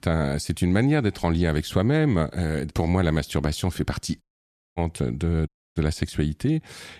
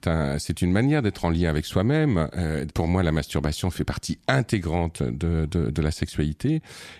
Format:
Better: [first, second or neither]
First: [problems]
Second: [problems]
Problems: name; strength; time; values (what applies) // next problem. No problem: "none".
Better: second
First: audio cutting out; at 4 s for 0.5 s and at 5.5 s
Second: none